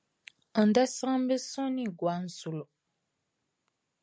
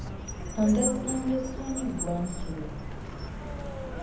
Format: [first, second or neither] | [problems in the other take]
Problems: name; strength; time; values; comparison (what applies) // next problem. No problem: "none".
first | background sound (Car); 3 dB below the speech // room echo; dies away in 0.8 s